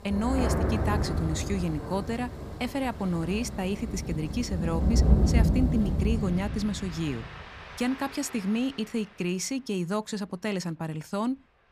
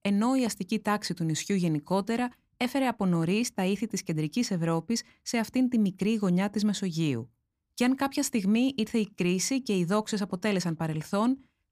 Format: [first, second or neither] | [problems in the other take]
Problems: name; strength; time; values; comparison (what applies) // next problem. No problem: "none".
second | rain or running water; very loud; throughout; 2 dB above the speech